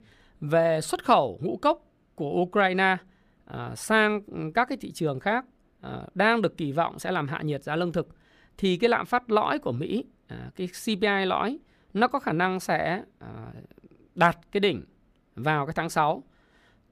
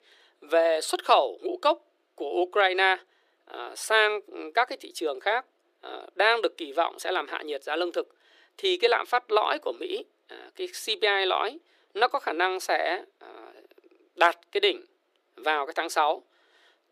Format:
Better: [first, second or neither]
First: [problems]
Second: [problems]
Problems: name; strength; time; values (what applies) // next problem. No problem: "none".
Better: first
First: none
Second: thin; very; fading below 350 Hz